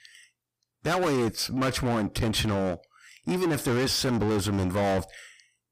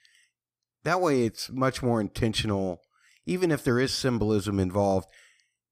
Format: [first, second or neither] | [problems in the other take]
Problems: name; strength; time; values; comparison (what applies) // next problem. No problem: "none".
second | distortion; heavy; 6 dB below the speech